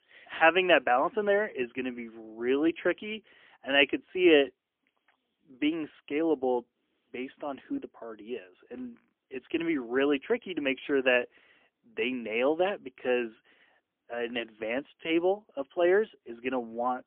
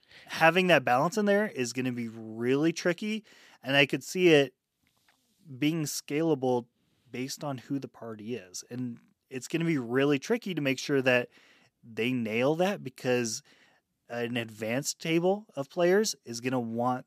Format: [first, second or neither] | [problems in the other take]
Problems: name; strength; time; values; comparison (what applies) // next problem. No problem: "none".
second | phone-call audio; poor line; nothing above 3 kHz